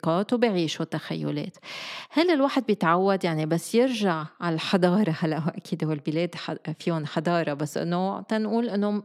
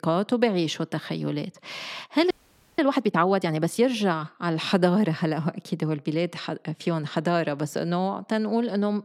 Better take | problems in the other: first | audio freezing; at 2.5 s

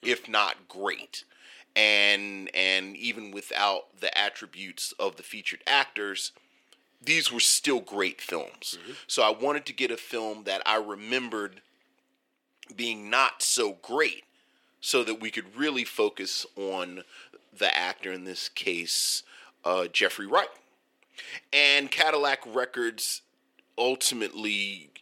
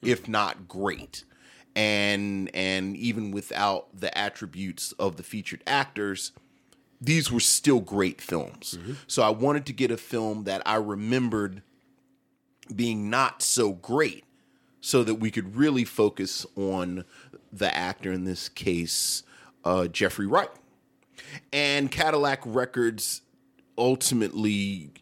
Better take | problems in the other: second | thin; somewhat; fading below 450 Hz

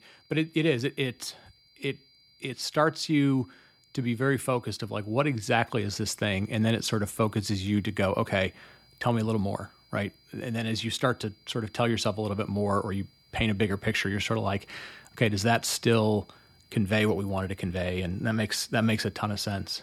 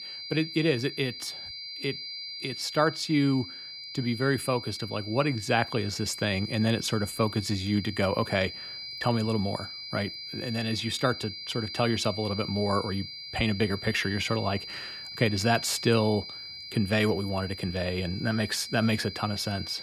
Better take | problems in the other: first | high-pitched whine; loud; throughout; 5 kHz, 9 dB below the speech; faint in the first

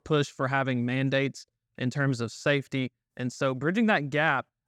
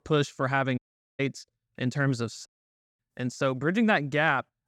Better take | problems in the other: first | audio cutting out; at 1 s and at 2.5 s for 0.5 s

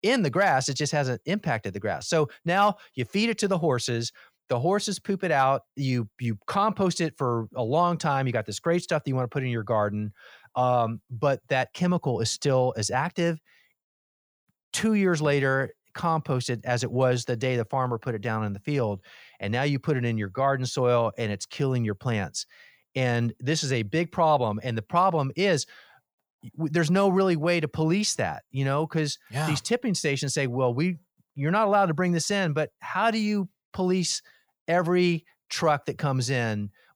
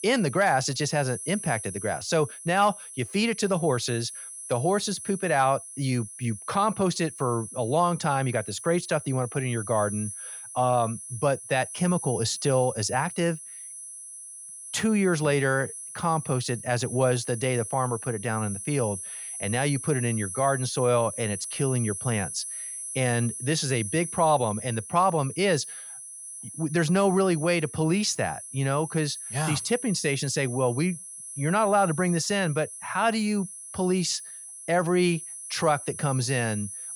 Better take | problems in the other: first | high-pitched whine; loud; throughout; 10.5 kHz, 10 dB below the speech

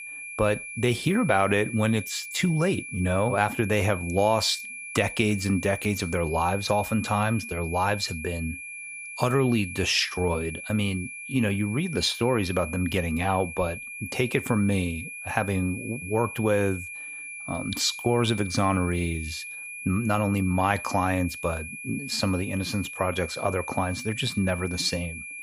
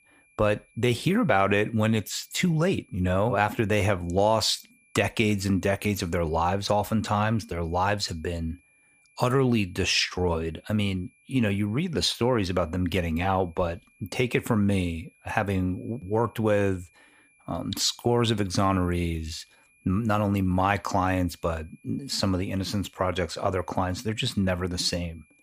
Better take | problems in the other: second | high-pitched whine; loud; throughout; 2.5 kHz, 9 dB below the speech; faint in the second

